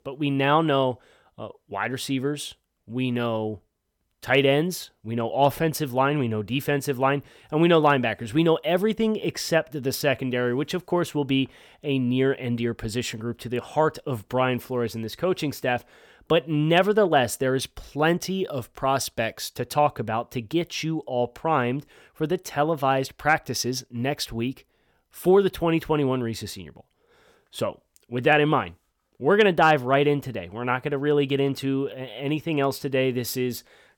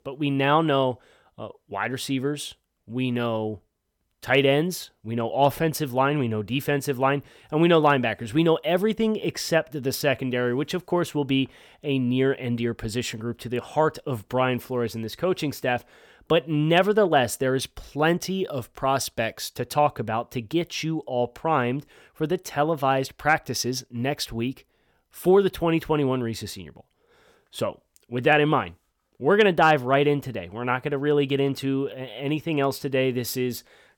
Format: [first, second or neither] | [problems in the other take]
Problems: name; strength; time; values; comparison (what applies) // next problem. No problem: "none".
neither | none